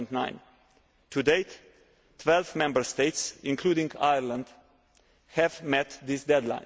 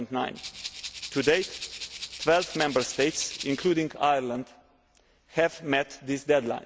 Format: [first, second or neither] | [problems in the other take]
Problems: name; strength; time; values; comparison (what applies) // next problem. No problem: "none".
first | background sound (Rattle (instrument)); 11 dB below the speech